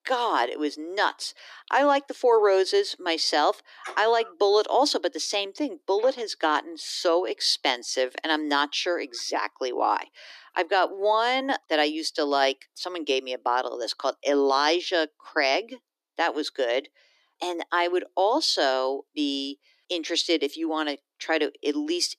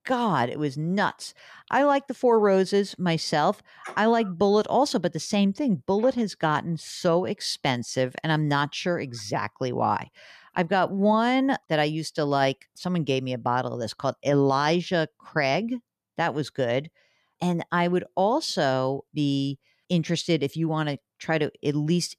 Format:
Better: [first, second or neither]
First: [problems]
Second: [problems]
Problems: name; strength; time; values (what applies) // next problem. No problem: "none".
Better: second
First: thin; somewhat; fading below 300 Hz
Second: none